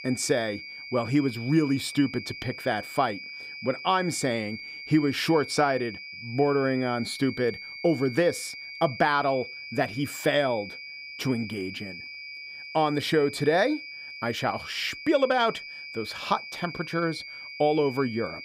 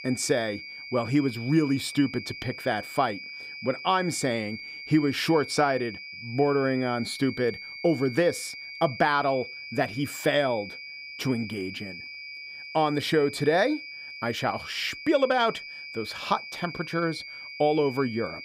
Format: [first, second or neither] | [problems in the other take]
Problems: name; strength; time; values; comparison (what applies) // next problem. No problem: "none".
neither | high-pitched whine; noticeable; throughout; 2.5 kHz, 10 dB below the speech; the same in both